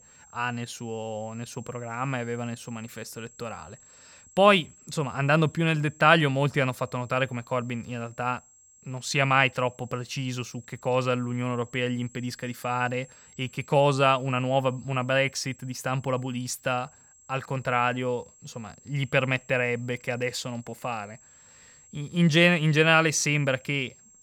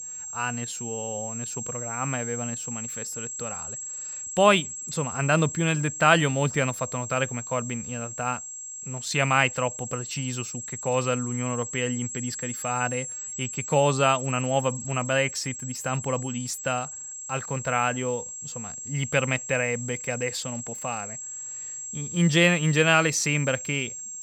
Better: first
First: high-pitched whine; faint; throughout; 7.5 kHz, 25 dB below the speech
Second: high-pitched whine; loud; throughout; 7.5 kHz, 7 dB below the speech

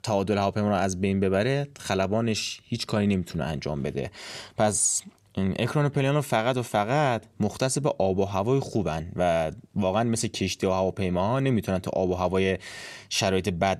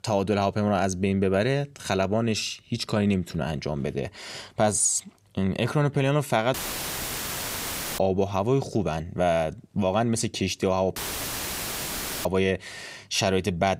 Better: first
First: none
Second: audio cutting out; filled with static; at 6.5 s for 1.5 s and at 11 s for 1.5 s

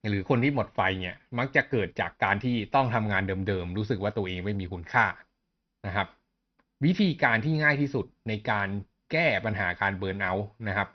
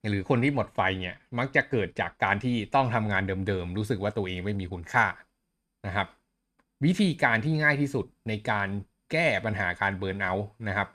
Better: second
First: garbled, watery; slightly; nothing above 6 kHz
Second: none

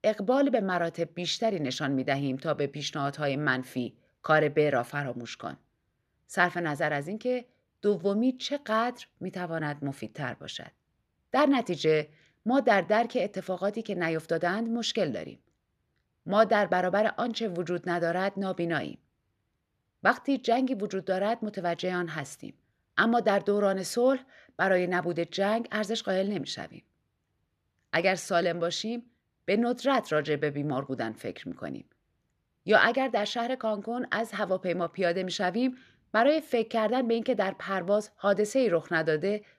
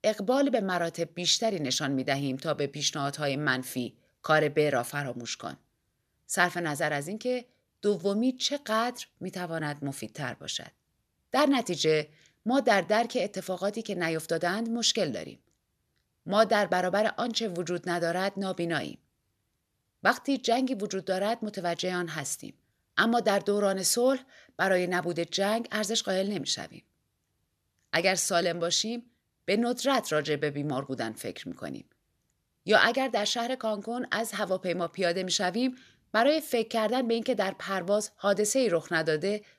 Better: second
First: muffled; slightly; fading above 4 kHz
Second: none

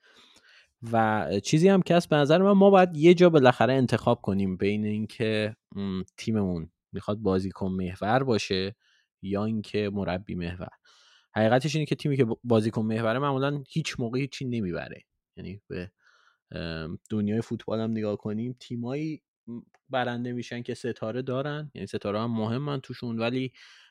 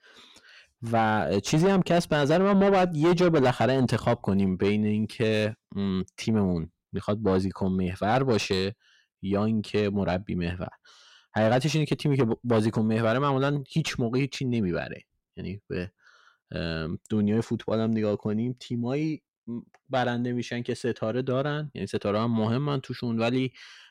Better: first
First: none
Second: distortion; heavy; 7 dB below the speech

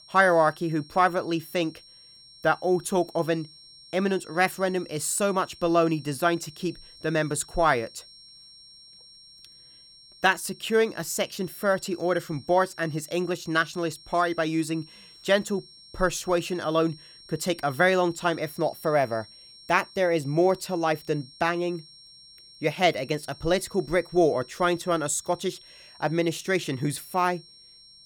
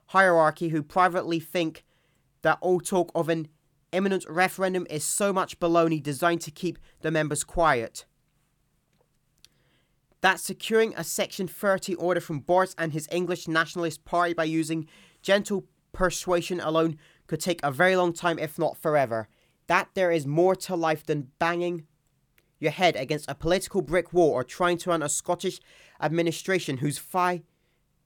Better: second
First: high-pitched whine; faint; throughout; 5.5 kHz, 20 dB below the speech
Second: none

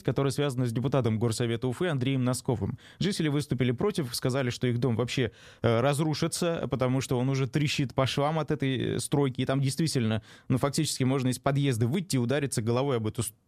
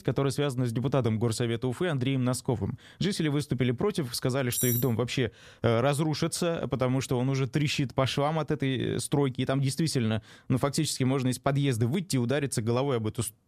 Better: first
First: none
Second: clattering dishes; noticeable; at 4.5 s; peak level with the speech

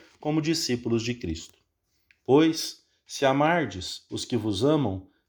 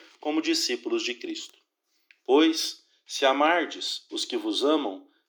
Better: first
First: none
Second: thin; somewhat; fading below 300 Hz

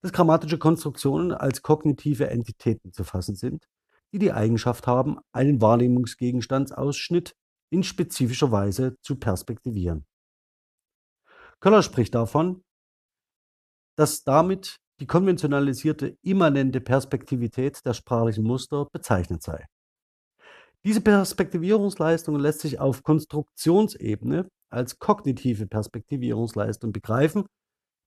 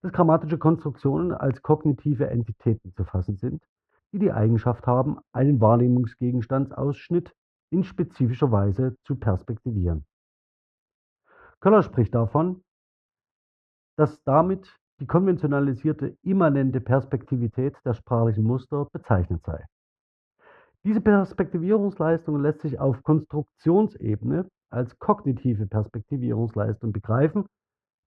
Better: first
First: none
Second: muffled; very; fading above 1.5 kHz

